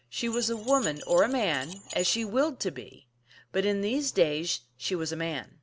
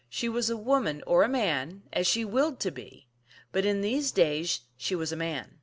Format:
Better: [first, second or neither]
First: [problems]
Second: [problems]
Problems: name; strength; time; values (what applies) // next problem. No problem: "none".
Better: second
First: background sound (Keys jangling); 12 dB below the speech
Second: none